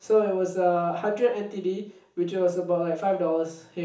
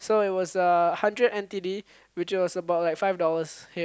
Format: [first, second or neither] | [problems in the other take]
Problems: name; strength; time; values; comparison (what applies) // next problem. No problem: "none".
second | room echo; dies away in 0.7 s